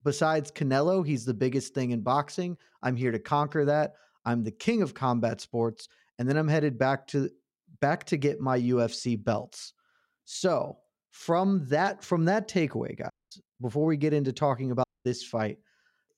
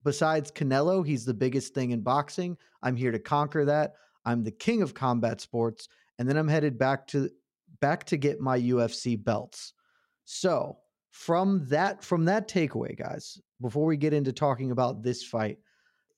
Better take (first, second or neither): second